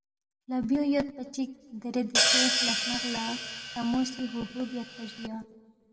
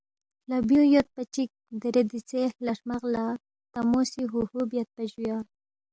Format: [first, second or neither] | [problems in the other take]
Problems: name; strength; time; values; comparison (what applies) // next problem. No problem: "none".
second | background sound (Hi-hat); 3 dB above the speech // room echo; dies away in 1.4 s